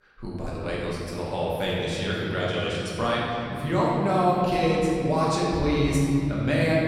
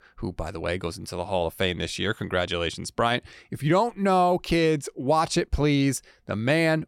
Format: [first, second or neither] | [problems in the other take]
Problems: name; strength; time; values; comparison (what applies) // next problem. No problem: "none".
second | room echo; strong; dies away in 3 s // off-mic speech; far